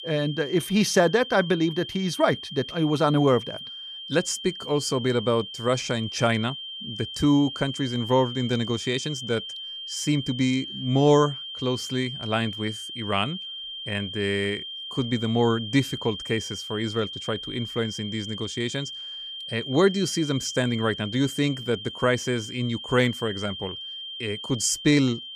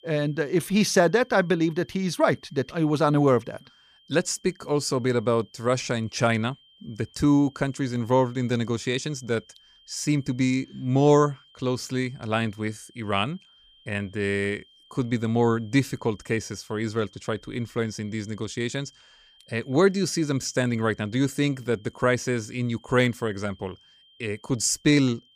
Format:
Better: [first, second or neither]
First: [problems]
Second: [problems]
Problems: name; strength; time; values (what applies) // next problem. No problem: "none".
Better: second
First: high-pitched whine; loud; throughout; 3 kHz, 9 dB below the speech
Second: high-pitched whine; faint; throughout; 3 kHz, 30 dB below the speech